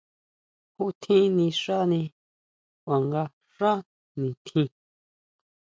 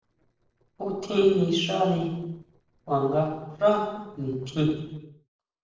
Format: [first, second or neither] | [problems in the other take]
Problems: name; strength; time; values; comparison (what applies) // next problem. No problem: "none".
first | noise reduction (neural separator model SepFormer DNS4)